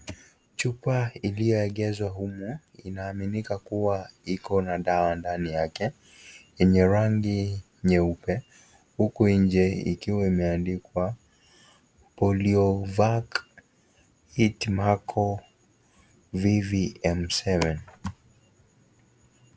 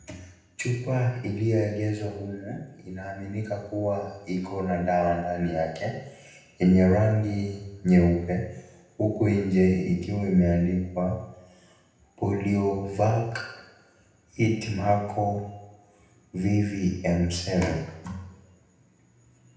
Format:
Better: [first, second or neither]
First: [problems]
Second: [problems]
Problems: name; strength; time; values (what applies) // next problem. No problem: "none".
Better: first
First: none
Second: room echo; dies away in 0.8 s